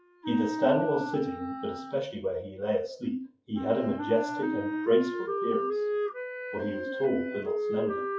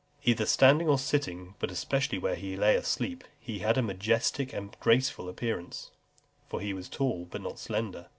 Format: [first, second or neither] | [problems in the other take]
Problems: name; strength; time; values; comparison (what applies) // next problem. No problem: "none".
second | noise reduction (classical method WPE with log-MMSE)